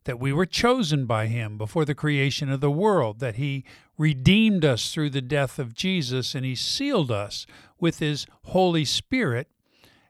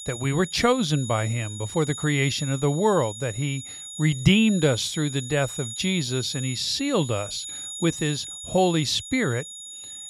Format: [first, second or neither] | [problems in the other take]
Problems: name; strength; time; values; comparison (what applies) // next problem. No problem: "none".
first | high-pitched whine; noticeable; throughout; 7 kHz, 10 dB below the speech